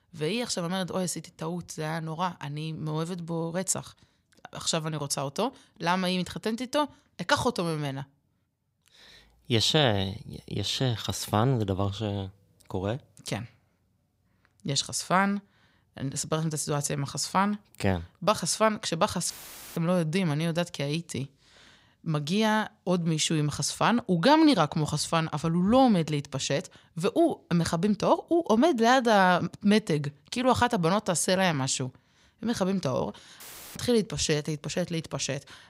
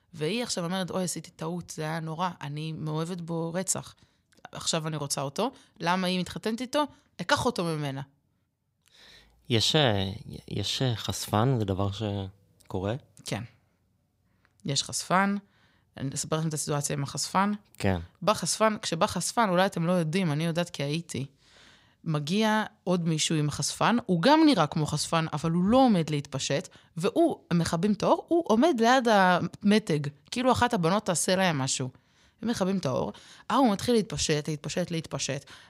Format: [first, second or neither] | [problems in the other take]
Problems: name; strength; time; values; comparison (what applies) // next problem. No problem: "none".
second | audio cutting out; filled with static; at 19 s and at 33 s